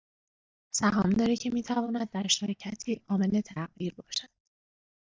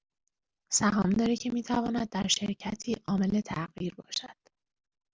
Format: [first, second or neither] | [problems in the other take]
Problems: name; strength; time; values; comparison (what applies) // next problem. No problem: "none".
second | noise reduction (neural mask model DeepFilterNet 3)